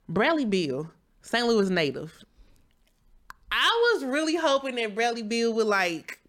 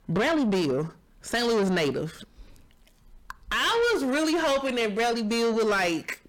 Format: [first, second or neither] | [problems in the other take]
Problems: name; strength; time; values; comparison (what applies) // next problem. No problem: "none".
first | distortion; heavy; 7 dB below the speech